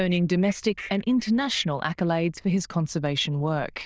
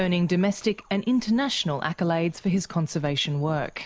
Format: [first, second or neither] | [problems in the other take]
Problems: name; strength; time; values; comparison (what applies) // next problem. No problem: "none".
second | noise reduction (neural diffusion model UNIVERSE++)